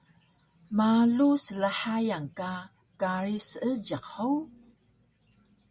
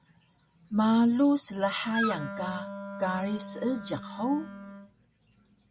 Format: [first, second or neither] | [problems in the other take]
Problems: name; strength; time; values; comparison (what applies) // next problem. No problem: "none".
first | background sound (Wind instrument, woodwind instrument); 9 dB below the speech